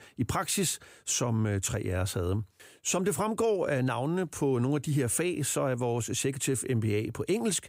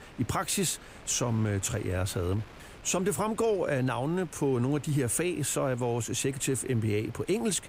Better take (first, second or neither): first